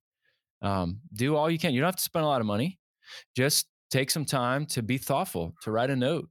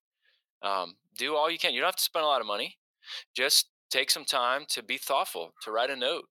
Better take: first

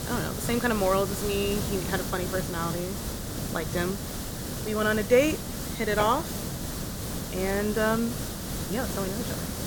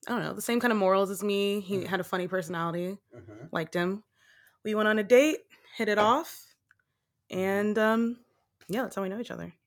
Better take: second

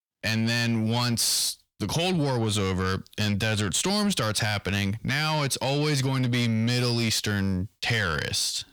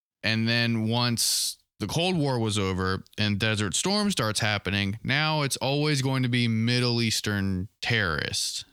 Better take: second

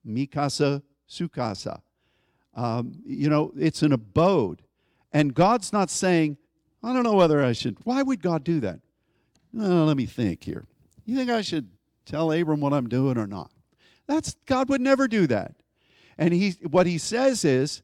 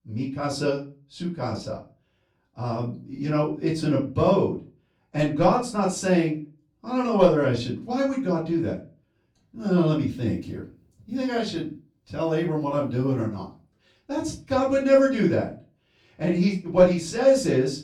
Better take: first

